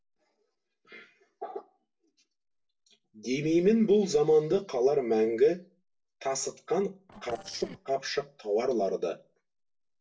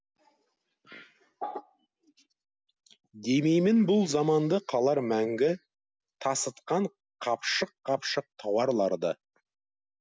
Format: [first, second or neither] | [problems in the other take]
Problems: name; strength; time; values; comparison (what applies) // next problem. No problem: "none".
second | noise reduction (neural separator model SepFormer DNS4)